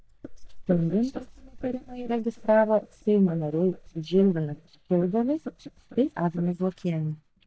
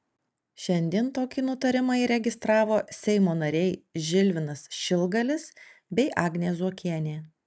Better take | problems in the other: second | noise reduction (neural mask model DeepFilterNet 3)

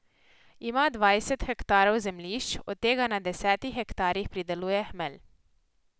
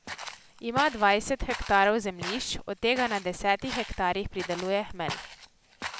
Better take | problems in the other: first | background sound (Walk, footsteps); 12 dB below the speech

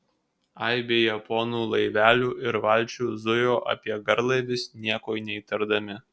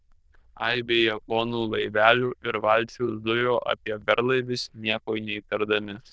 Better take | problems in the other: first | noise reduction (neural diffusion model UNIVERSE++)

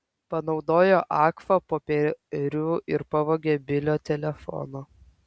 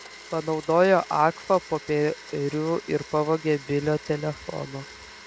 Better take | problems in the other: first | background sound (Domestic sounds, home sounds); 18 dB below the speech

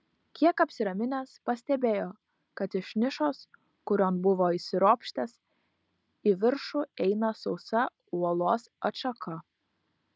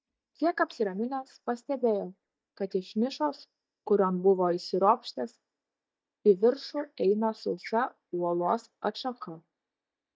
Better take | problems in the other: first | noise reduction (neural mask model DeepFilterNet 3)

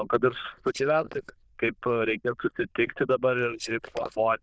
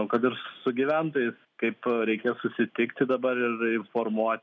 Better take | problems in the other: second | noise reduction (neural diffusion model UNIVERSE++)

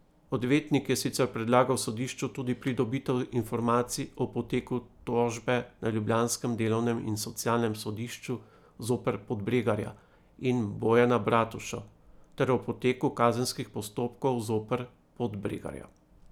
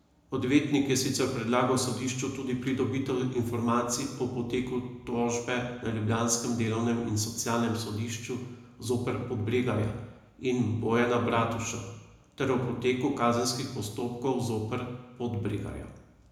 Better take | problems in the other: first | room echo; dies away in 0.9 s

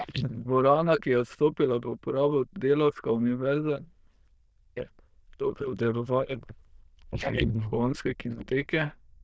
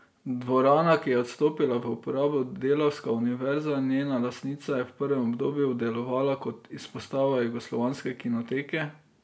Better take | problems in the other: second | noise reduction (neural diffusion model UNIVERSE++)

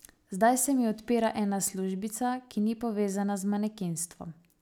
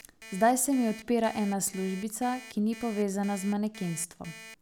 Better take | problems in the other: first | background sound (Alarm); 19 dB below the speech

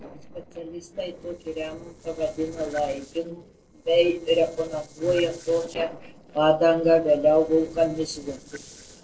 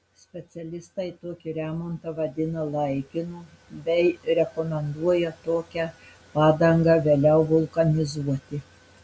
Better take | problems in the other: second | noise reduction (neural separator model SepFormer DNS4)

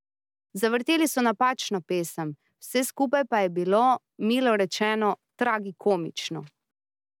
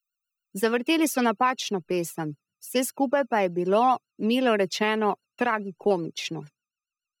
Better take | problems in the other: first | noise reduction (neural mask model DeepFilterNet 3)

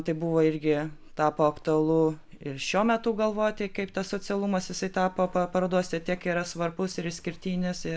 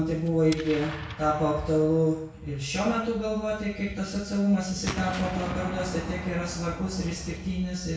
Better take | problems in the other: first | background sound (Explosion); 13 dB below the speech // room echo; dies away in 0.6 s

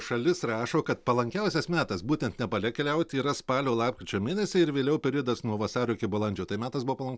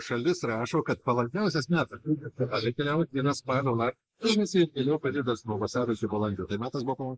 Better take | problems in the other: first | noise reduction (neural mask model Resemble Enhance denoiser)

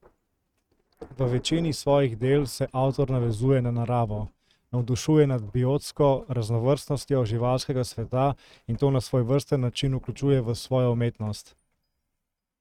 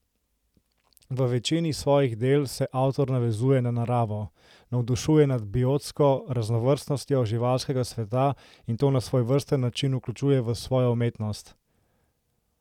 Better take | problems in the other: second | noise reduction (neural mask model RNNoise)

